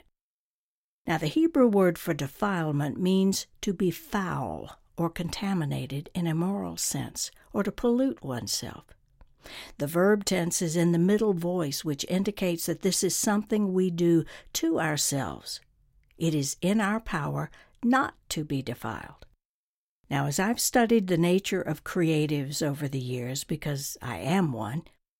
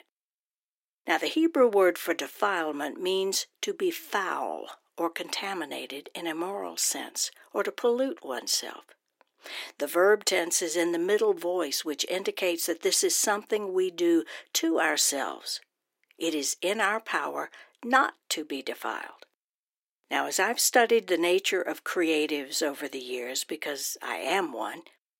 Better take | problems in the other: first | thin; very; fading below 300 Hz

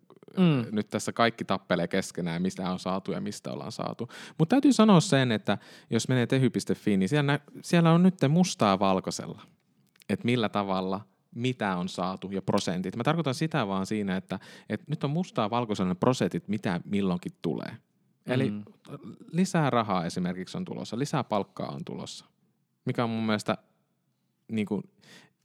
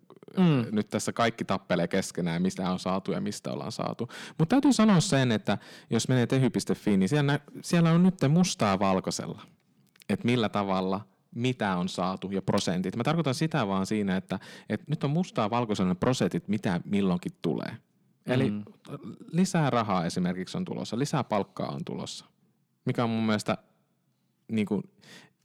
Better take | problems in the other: first | distortion; slight; 10 dB below the speech

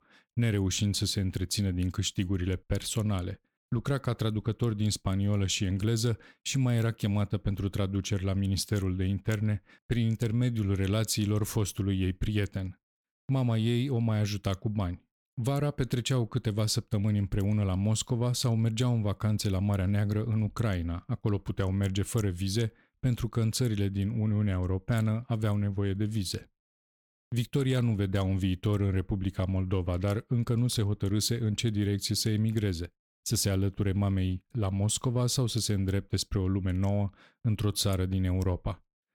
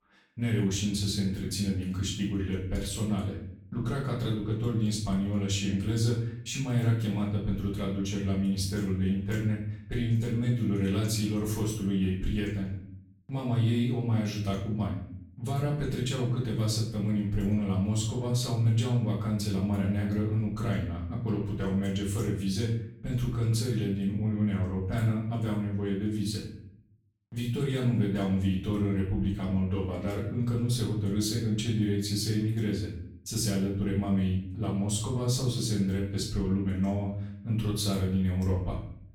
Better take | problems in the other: first | off-mic speech; far // room echo; noticeable; dies away in 0.6 s

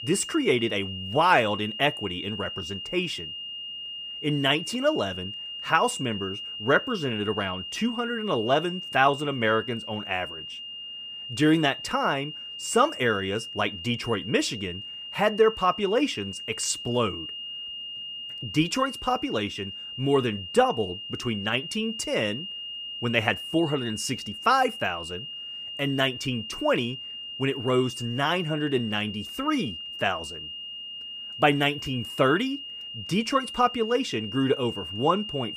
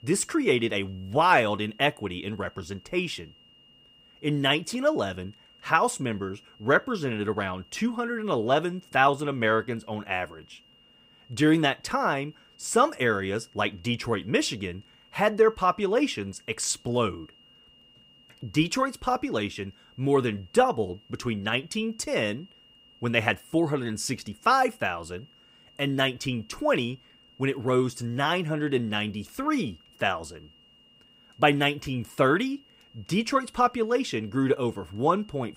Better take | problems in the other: second | high-pitched whine; loud; throughout; 3 kHz, 9 dB below the speech; faint in the second

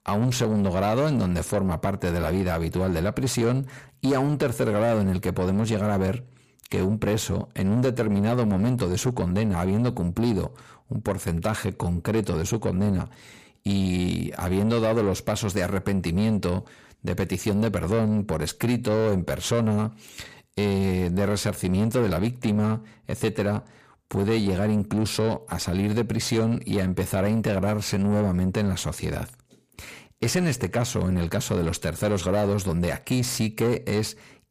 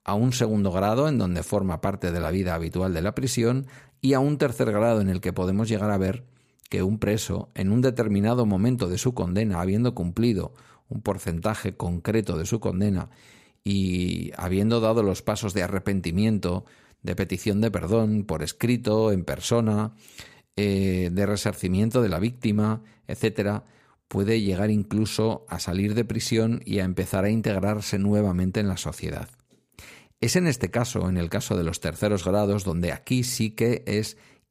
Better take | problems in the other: second | distortion; slight; 10 dB below the speech

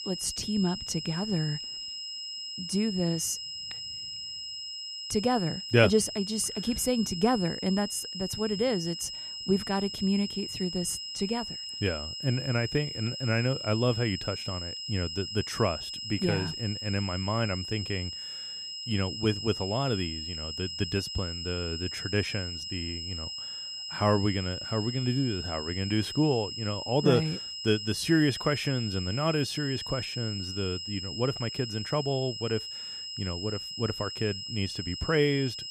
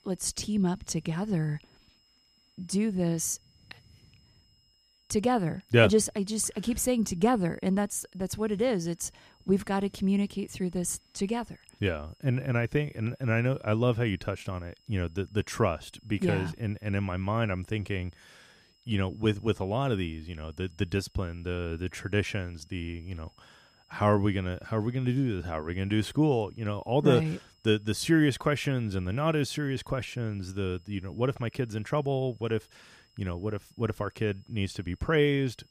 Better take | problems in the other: second | high-pitched whine; loud; throughout; 5 kHz, 5 dB below the speech; faint in the second

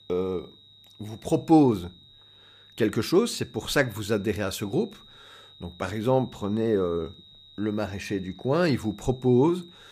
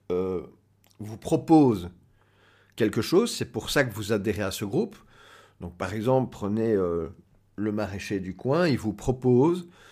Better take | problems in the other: second | high-pitched whine; faint; throughout; 3.5 kHz, 25 dB below the speech

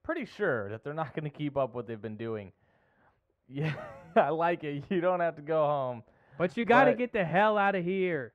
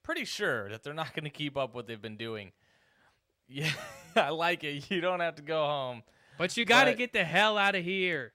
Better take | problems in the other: second | muffled; very; fading above 2.5 kHz

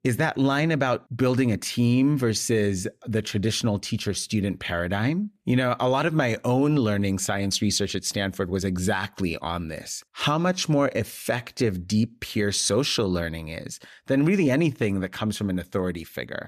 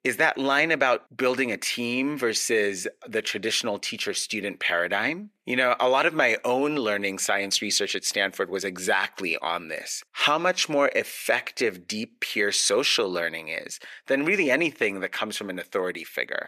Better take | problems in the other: first | thin; somewhat; fading below 450 Hz

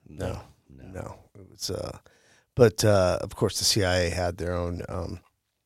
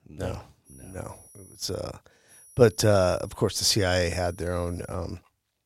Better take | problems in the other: first | high-pitched whine; faint; from 0.5 to 1.5 s, from 2.5 to 3.5 s and at 4 s; 10 kHz, 25 dB below the speech

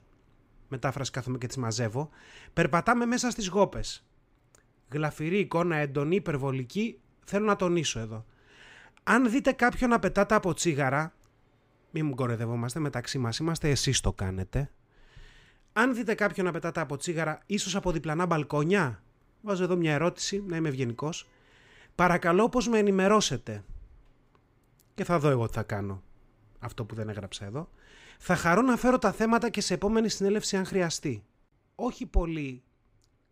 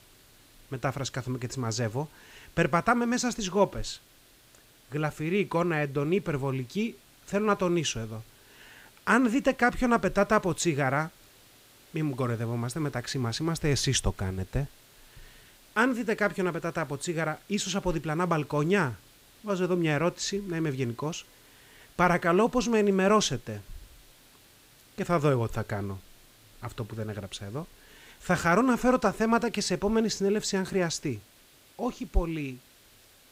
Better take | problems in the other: first | hiss; faint; throughout; 25 dB below the speech

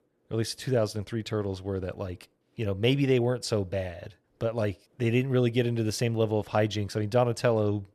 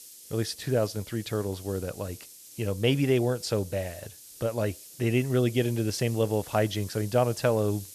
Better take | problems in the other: first | hiss; noticeable; throughout; 15 dB below the speech

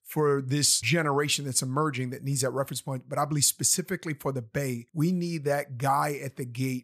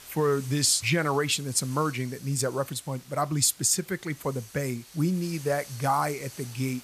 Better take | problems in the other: first | hiss; noticeable; throughout; 20 dB below the speech

